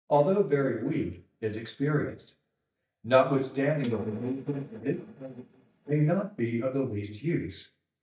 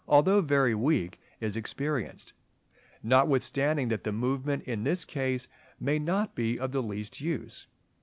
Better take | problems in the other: second | noise reduction (neural mask model DeepFilterNet 3)

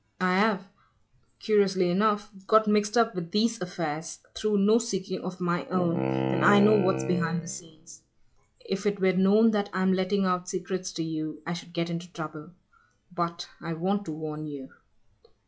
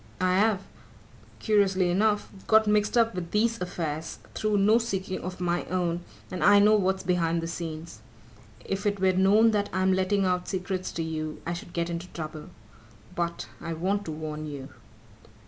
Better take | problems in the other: second | noise reduction (classical method log-MMSE)

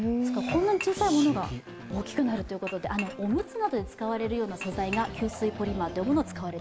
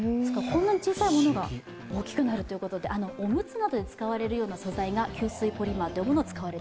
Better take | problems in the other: second | background sound (Dishes, pots, and pans / Chink, clink); 17 dB below the speech

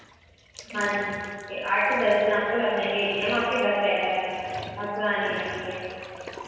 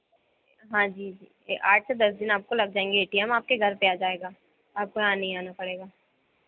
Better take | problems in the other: second | background sound (Bathtub (filling or washing)); 16 dB below the speech // room echo; dies away in 1.9 s

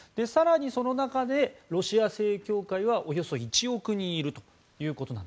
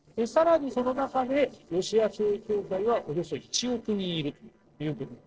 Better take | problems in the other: first | noise reduction (neural separator model SepFormer DNS4)

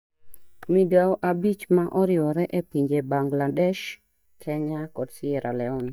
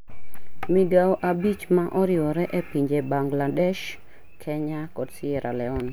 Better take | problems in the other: second | noise reduction (neural mask model DeepFilterNet 3)

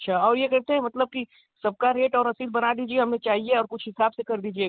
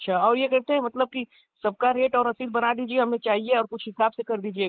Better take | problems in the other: first | noise reduction (neural mask model Resemble Enhance denoiser)

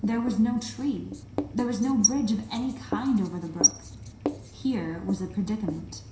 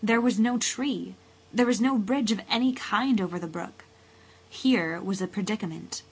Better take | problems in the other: second | background sound (Writing); 4 dB below the speech // room echo; dies away in 0.7 s

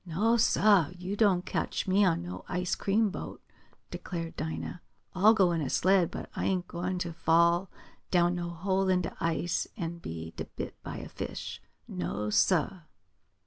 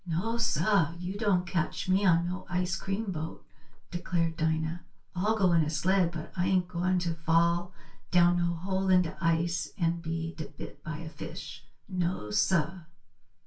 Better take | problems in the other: first | room echo; dies away in 0.2 s

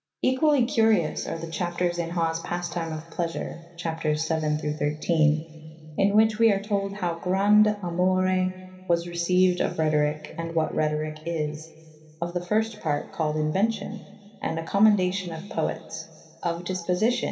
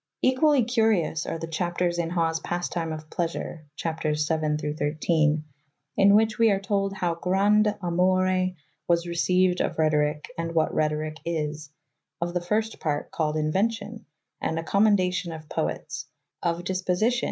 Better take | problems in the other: second | room echo; dies away in 2.2 s

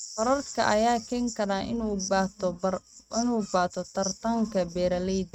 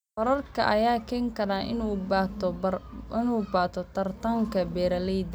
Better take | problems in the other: second | noise reduction (neural mask model RNNoise)

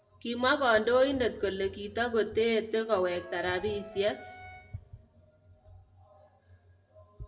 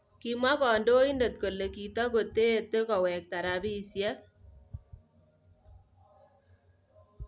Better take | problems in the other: second | background sound (Wind instrument, woodwind instrument); 17 dB below the speech // room echo; dies away in 0.6 s

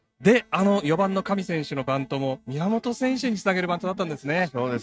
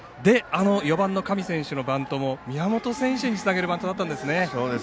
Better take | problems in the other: second | noise reduction (neural mask model RNNoise)

